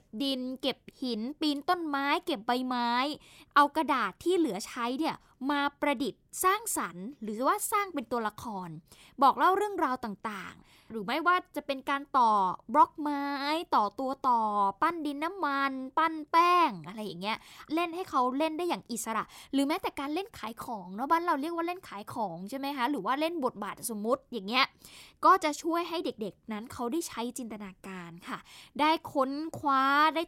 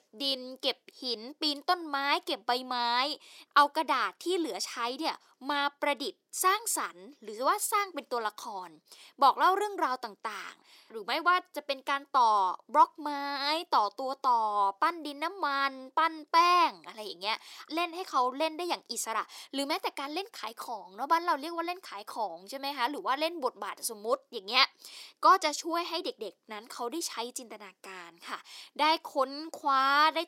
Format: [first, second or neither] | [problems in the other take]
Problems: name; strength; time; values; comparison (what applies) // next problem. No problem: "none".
first | thin; somewhat; fading below 350 Hz